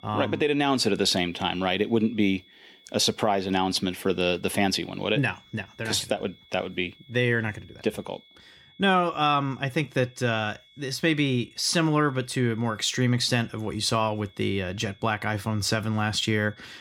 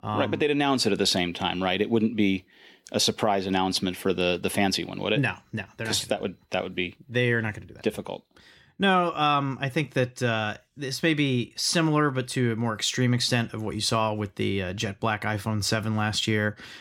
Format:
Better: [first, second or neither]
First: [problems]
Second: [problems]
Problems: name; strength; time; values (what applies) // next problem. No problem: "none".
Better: second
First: high-pitched whine; faint; throughout; 3.5 kHz, 30 dB below the speech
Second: none